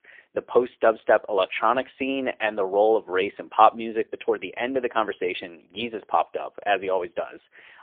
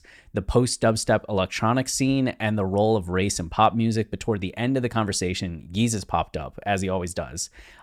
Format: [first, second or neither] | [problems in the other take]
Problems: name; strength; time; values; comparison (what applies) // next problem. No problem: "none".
second | phone-call audio; poor line; nothing above 3.5 kHz